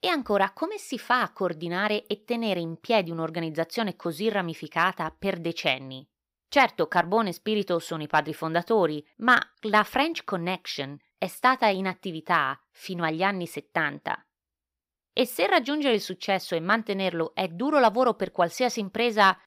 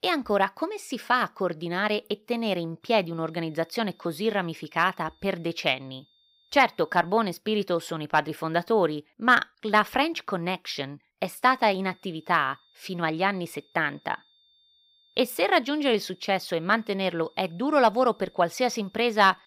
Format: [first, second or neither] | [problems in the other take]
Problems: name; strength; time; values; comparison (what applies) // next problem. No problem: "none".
first | high-pitched whine; faint; from 3 to 7.5 s and from 11 s on; 3.5 kHz, 35 dB below the speech